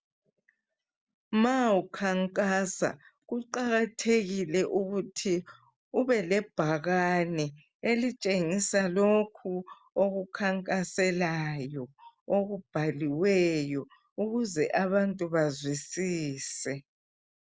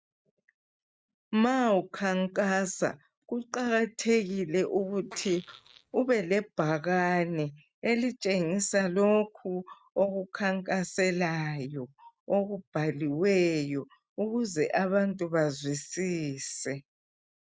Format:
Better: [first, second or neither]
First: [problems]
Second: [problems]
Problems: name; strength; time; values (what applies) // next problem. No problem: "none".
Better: first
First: none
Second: noise reduction (neural mask model RNNoise)